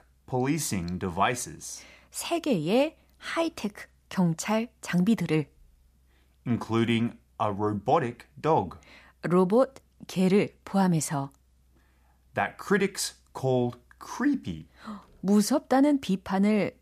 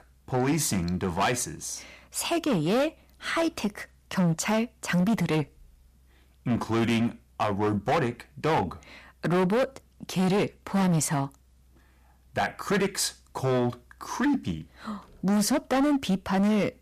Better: first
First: none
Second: distortion; heavy; 13% of the sound clipped

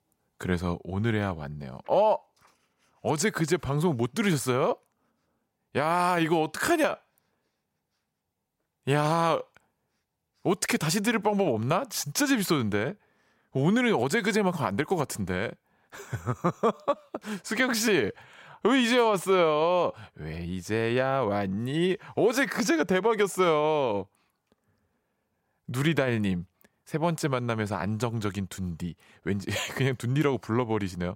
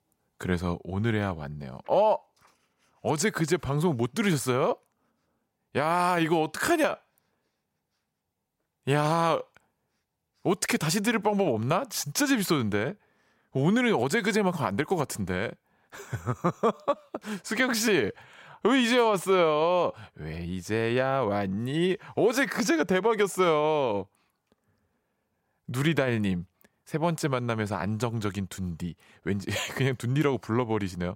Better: neither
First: none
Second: none

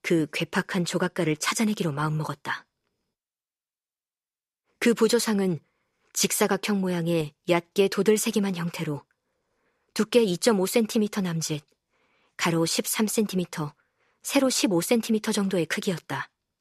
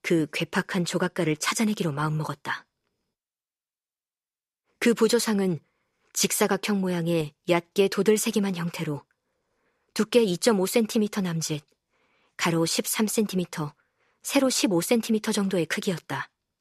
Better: neither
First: none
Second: none

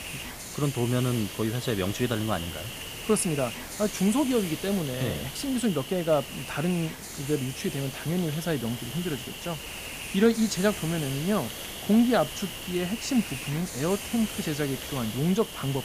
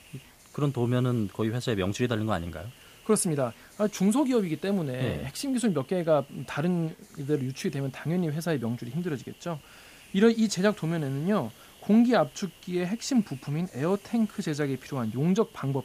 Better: second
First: hiss; loud; throughout; 8 dB below the speech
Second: hiss; faint; throughout; 25 dB below the speech

